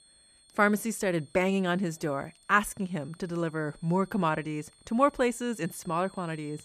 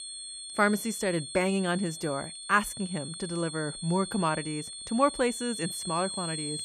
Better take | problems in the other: first | high-pitched whine; loud; throughout; 8.5 kHz, 7 dB below the speech; faint in the first

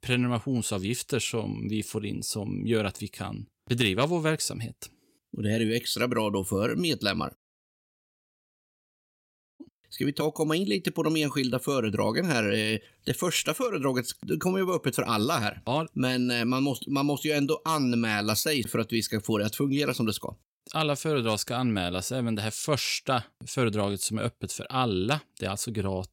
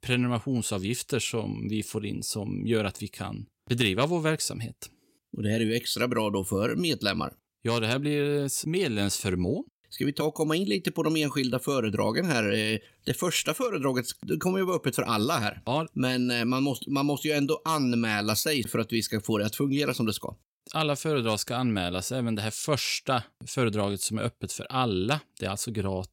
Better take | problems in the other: second | audio cutting out; at 7.5 s for 2 s

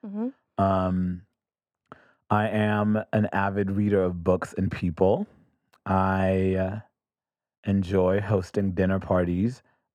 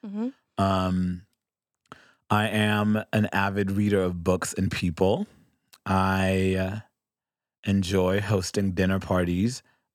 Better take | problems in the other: second | muffled; very; fading above 2.5 kHz

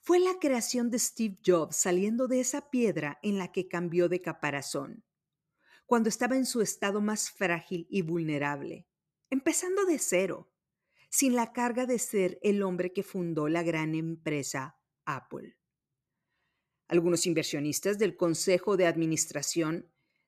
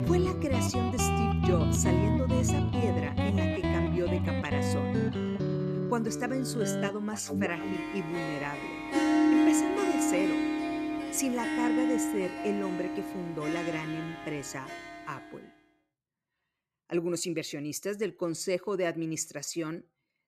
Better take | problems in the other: first | background music; very loud; until 15 s; 4 dB above the speech

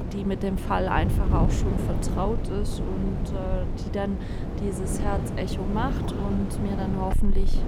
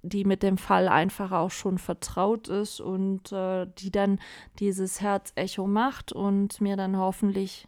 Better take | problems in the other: second | wind noise on the microphone; heavy; 5 dB below the speech

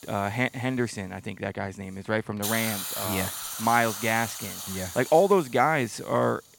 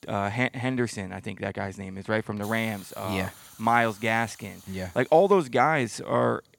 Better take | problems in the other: second | hiss; loud; throughout; 6 dB below the speech; faint in the second

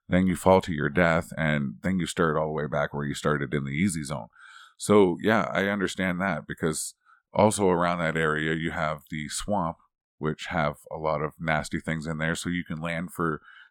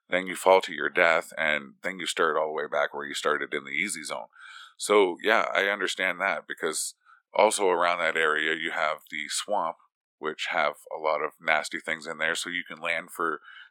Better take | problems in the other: first | thin; very; fading below 400 Hz

